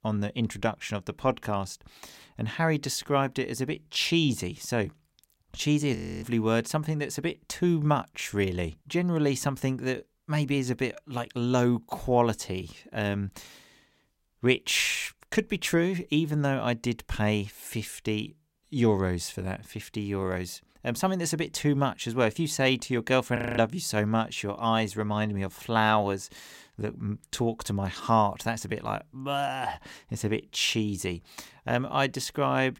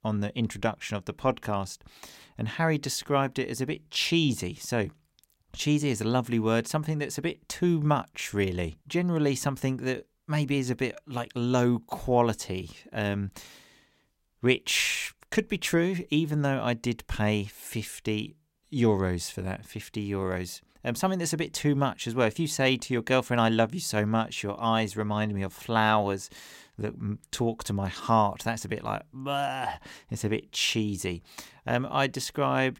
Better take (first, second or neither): second